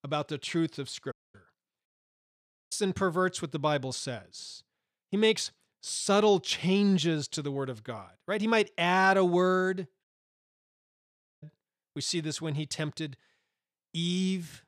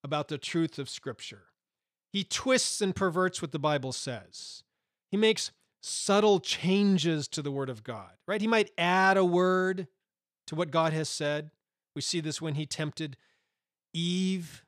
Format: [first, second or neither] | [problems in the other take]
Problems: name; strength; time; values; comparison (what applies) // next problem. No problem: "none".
second | audio cutting out; at 1 s, at 2 s for 1 s and at 10 s for 1.5 s